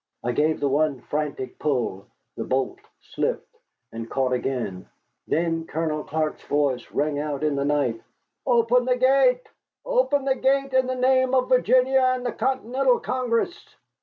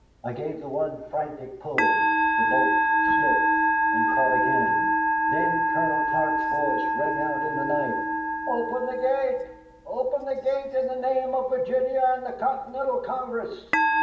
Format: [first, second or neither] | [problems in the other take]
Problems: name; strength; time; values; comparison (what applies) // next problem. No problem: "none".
first | background sound (Musical instrument); 3 dB above the speech // room echo; dies away in 1 s